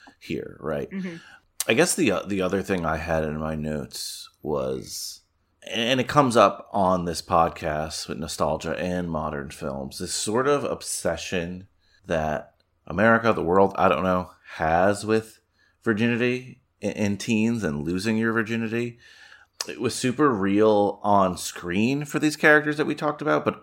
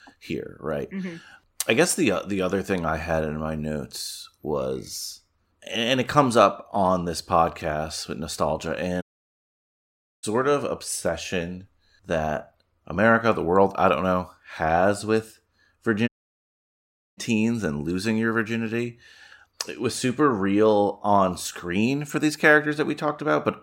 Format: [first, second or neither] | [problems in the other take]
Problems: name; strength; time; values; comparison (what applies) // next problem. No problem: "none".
first | audio cutting out; at 9 s for 1 s and at 16 s for 1 s